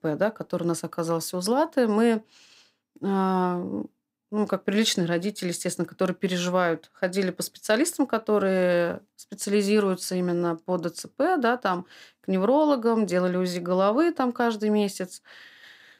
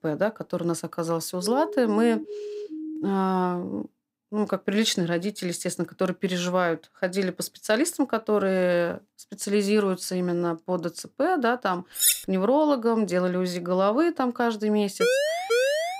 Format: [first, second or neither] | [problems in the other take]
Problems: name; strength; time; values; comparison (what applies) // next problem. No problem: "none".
first | siren; noticeable; from 1.5 to 3 s; peak 9 dB below the speech // clattering dishes; loud; at 12 s; peak 5 dB above the speech // siren; loud; at 15 s; peak 3 dB above the speech